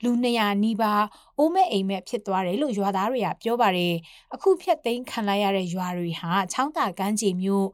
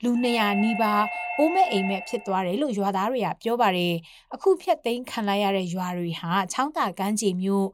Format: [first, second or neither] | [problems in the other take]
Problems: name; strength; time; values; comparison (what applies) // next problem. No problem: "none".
first | doorbell; noticeable; until 2.5 s; peak 4 dB below the speech